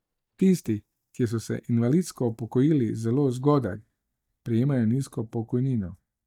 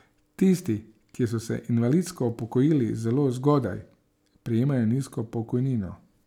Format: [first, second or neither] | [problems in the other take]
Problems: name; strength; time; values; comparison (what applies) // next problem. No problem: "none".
second | noise reduction (neural mask model DeepFilterNet 3)